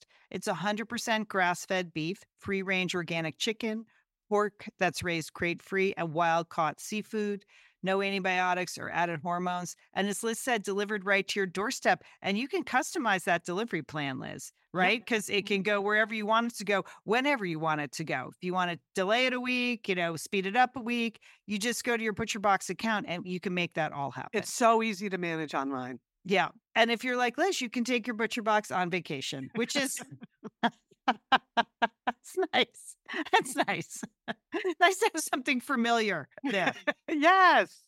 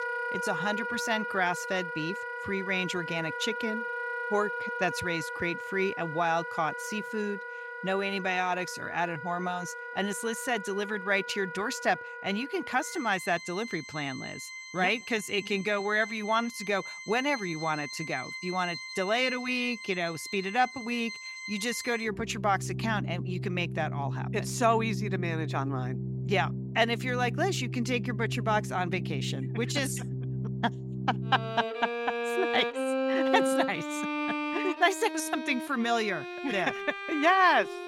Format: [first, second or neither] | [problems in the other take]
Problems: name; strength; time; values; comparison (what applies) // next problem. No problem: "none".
first | background music; loud; throughout; 5 dB below the speech